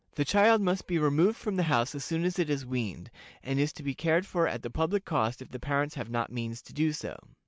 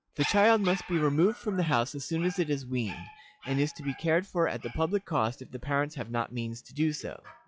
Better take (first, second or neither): first